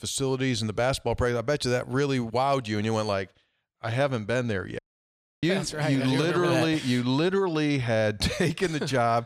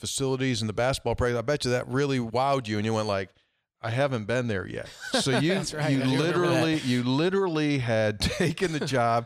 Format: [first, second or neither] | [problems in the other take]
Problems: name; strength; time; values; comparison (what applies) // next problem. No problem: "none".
second | audio cutting out; at 5 s for 0.5 s